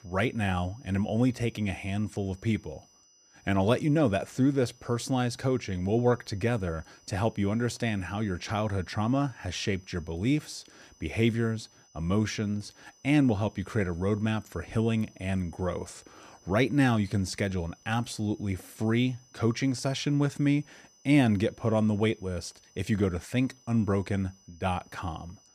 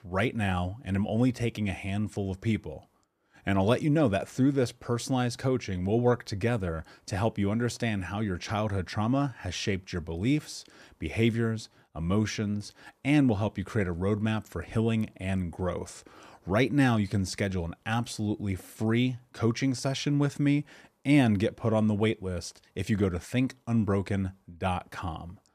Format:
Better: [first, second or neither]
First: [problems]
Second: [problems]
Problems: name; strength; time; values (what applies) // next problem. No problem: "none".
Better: second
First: high-pitched whine; faint; throughout; 6 kHz, 30 dB below the speech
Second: none